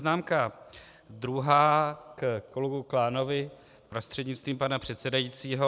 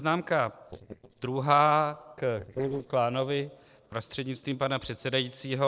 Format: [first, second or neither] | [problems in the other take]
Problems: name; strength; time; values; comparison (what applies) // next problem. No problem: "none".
first | noise reduction (neural separator model SepFormer DNS4)